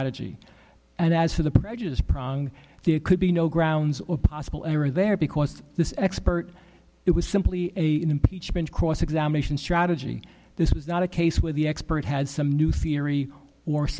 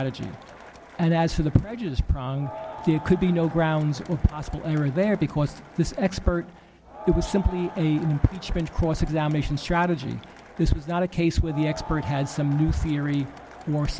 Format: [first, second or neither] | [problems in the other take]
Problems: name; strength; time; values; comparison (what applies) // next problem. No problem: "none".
first | background sound (Crowd); 17 dB below the speech